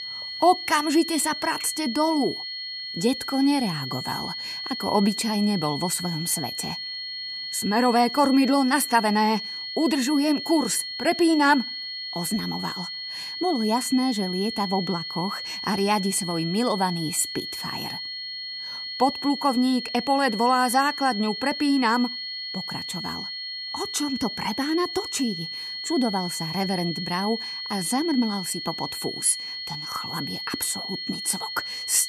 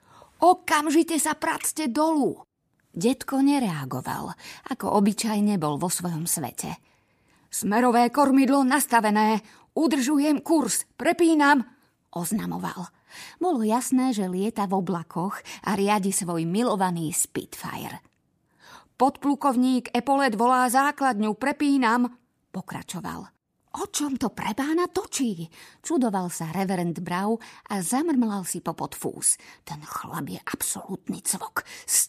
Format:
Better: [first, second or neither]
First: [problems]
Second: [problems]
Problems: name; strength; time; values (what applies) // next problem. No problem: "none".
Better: second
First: high-pitched whine; loud; throughout; 4.5 kHz, 6 dB below the speech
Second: none